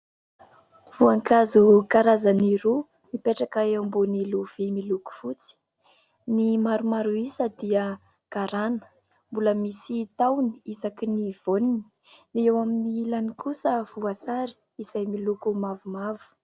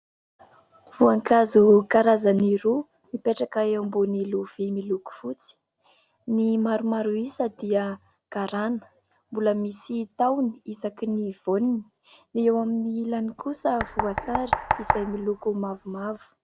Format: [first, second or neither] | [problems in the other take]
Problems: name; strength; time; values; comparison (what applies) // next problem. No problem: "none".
first | background sound (Knock); 6 dB below the speech